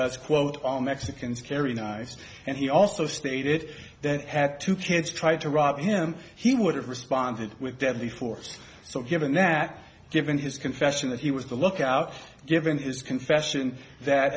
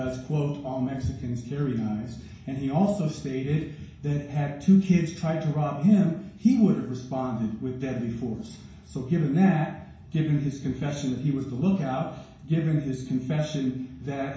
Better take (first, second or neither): first